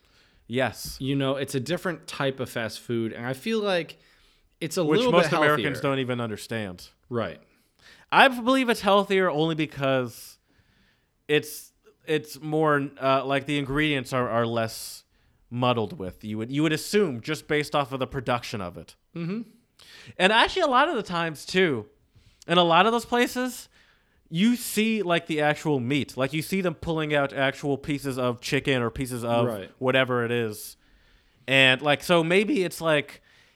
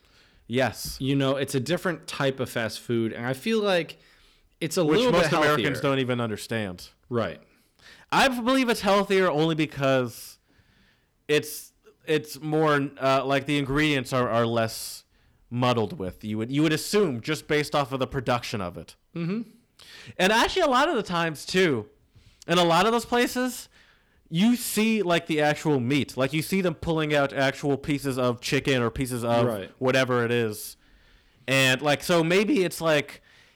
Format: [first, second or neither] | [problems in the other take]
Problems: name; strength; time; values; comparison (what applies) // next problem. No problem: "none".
first | distortion; slight; 4% of the sound clipped